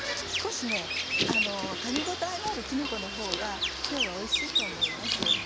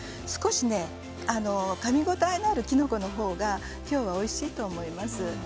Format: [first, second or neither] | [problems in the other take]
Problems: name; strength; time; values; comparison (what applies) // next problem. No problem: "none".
second | background sound (Bird vocalization, bird call, bird song); 5 dB above the speech